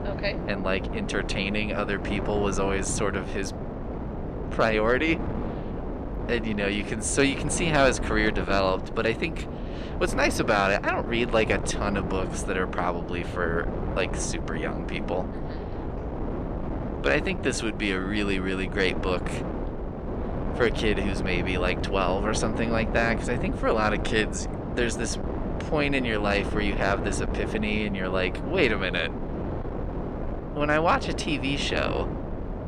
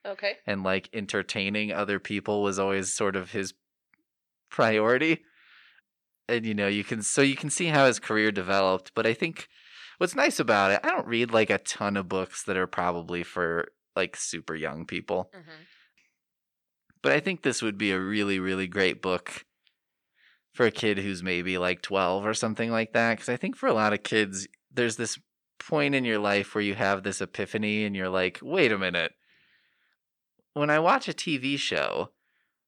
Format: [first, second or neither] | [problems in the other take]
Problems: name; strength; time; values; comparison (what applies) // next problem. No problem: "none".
second | wind noise on the microphone; heavy; 9 dB below the speech